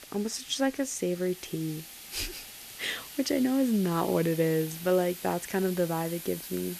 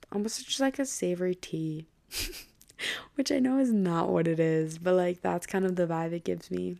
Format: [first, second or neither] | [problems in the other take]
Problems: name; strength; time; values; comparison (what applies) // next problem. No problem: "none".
second | hiss; noticeable; throughout; 10 dB below the speech